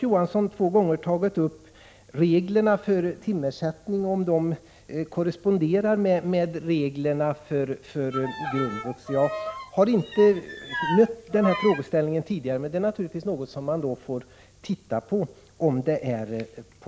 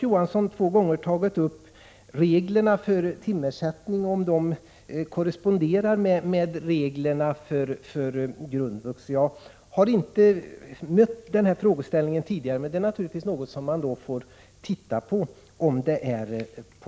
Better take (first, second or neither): second